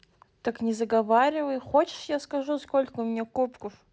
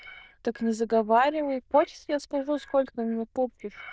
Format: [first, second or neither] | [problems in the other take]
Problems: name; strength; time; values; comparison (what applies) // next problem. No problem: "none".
first | noise reduction (neural diffusion model UNIVERSE++)